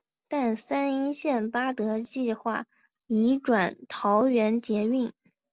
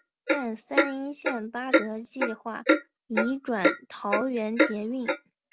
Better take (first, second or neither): first